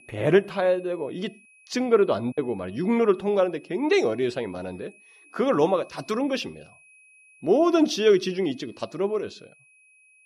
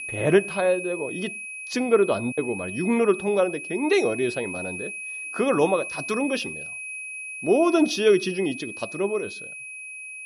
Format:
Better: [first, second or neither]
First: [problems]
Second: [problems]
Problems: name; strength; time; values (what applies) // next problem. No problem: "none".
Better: first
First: high-pitched whine; faint; throughout; 2.5 kHz, 30 dB below the speech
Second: high-pitched whine; loud; throughout; 2.5 kHz, 9 dB below the speech